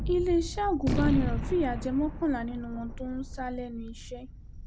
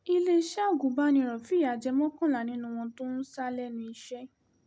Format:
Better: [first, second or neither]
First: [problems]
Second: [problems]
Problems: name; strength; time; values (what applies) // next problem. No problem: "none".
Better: second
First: background sound (Gunshot, gunfire); 3 dB below the speech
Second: none